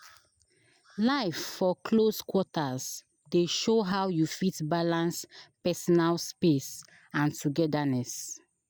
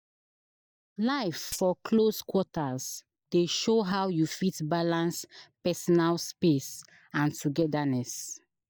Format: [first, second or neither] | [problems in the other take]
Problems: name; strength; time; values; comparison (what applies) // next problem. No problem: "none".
first | noise reduction (neural mask model DeepFilterNet 3)